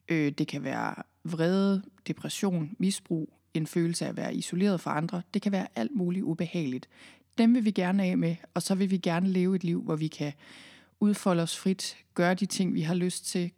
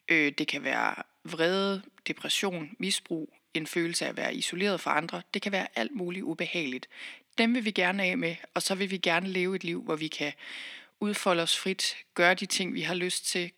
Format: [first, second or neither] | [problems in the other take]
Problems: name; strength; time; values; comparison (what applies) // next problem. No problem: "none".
first | thin; somewhat; fading below 350 Hz